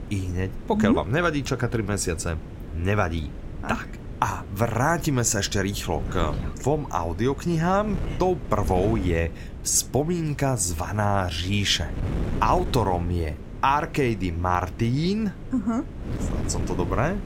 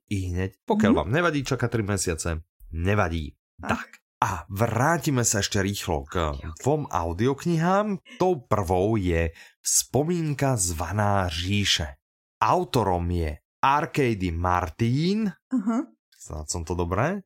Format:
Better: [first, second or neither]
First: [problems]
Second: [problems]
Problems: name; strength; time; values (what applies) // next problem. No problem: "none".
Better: second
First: wind noise on the microphone; occasional gusts; 15 dB below the speech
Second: none